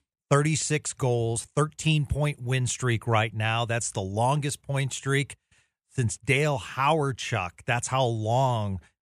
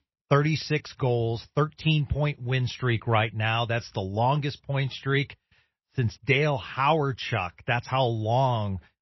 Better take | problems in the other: first | garbled, watery; slightly; nothing above 5.5 kHz

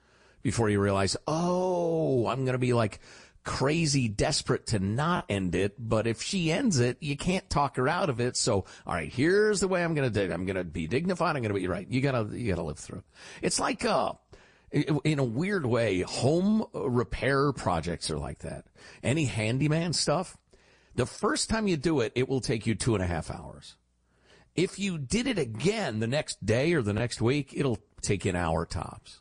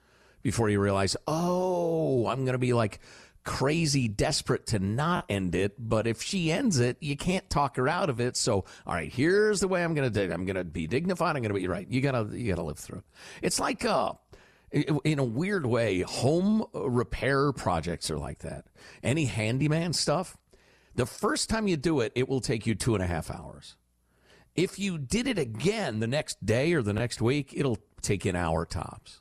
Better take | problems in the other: second | garbled, watery; slightly; nothing above 8.5 kHz

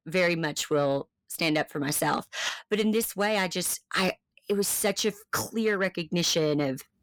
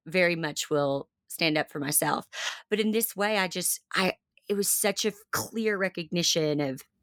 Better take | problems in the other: second | distortion; slight; 10 dB below the speech

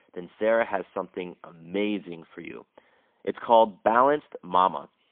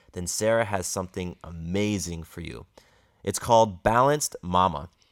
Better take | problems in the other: second | phone-call audio; poor line; nothing above 3.5 kHz

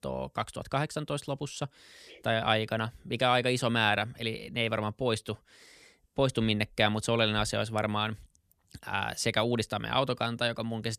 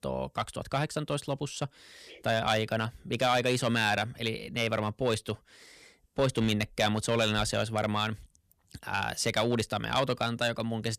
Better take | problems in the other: first | distortion; slight; 2% of the sound clipped

